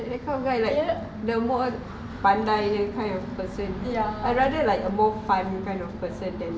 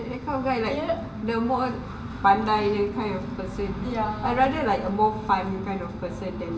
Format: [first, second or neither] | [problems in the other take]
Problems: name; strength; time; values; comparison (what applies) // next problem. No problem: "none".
first | room echo; dies away in 1.1 s